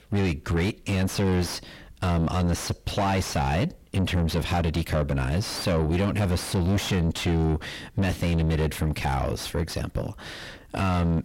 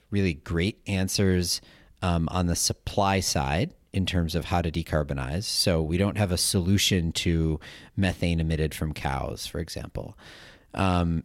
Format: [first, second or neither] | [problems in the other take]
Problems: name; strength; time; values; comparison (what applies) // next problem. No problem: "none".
second | distortion; heavy; 6 dB below the speech